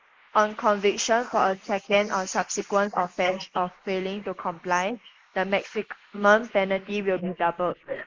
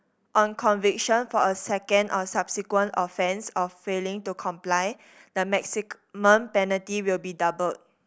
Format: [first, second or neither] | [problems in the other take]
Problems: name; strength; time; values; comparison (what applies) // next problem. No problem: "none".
second | noise reduction (neural mask model Resemble Enhance denoiser)